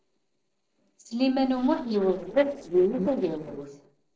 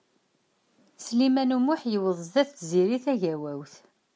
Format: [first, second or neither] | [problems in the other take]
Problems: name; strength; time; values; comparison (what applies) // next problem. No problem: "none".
second | noise reduction (neural separator model SepFormer DNS4)